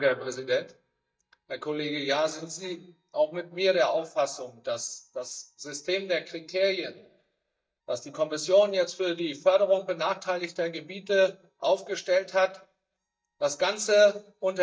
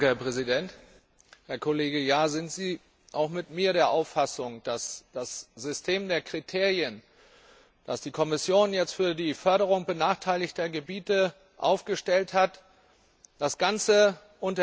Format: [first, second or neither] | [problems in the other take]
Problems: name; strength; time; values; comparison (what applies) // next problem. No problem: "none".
second | noise reduction (neural mask model DeepFilterNet 3)